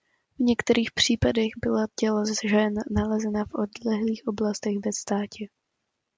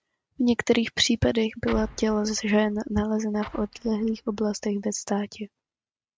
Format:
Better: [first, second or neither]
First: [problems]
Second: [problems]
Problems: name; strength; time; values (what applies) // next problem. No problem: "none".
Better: first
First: none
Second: noise reduction (neural mask model RNNoise)